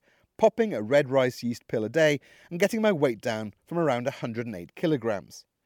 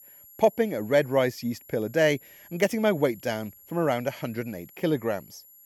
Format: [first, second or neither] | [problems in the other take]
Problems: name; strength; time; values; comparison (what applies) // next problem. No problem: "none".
first | high-pitched whine; faint; throughout; 11.5 kHz, 20 dB below the speech